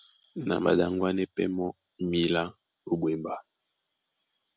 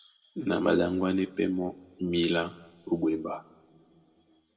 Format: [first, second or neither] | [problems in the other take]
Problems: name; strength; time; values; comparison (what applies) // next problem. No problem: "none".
first | room echo; dies away in 1.4 s